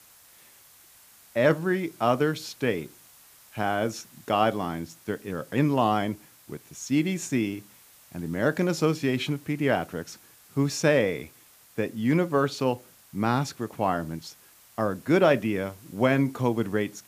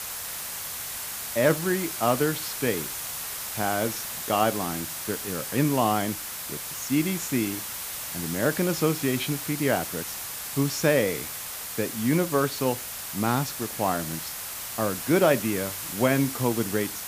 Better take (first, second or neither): first